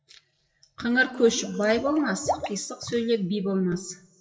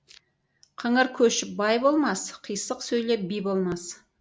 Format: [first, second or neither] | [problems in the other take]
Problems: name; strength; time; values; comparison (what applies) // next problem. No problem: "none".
second | noise reduction (classical method WPE with log-MMSE)